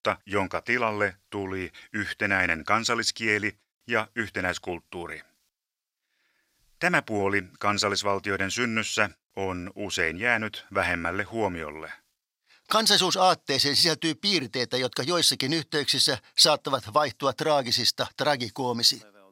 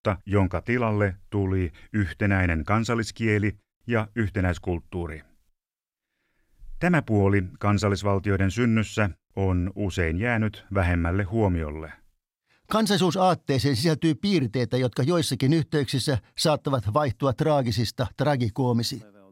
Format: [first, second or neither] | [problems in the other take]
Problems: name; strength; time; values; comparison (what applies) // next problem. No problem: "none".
second | thin; somewhat; fading below 1 kHz